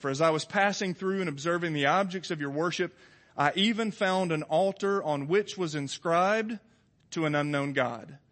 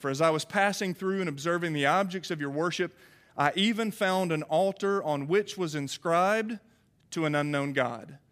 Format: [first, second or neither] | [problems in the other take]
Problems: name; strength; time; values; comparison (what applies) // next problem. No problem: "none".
second | garbled, watery; slightly; nothing above 8 kHz